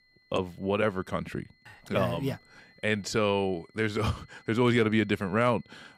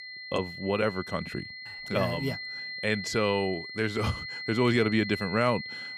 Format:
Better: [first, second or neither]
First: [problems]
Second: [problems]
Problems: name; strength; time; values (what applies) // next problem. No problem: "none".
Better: first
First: high-pitched whine; faint; throughout; 2 kHz, 30 dB below the speech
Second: high-pitched whine; loud; throughout; 2 kHz, 8 dB below the speech